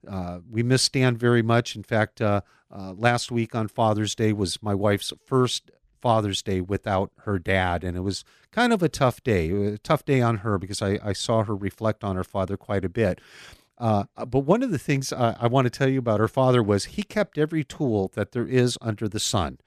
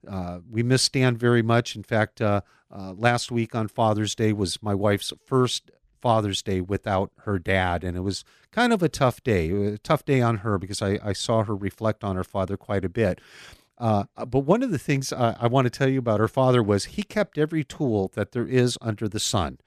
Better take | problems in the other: neither | none

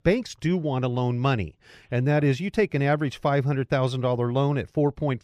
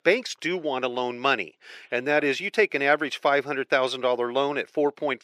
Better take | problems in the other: first | thin; somewhat; fading below 350 Hz

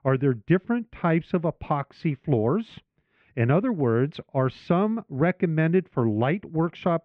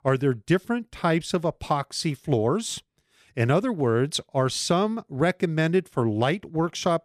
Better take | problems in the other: second | muffled; very; fading above 2.5 kHz

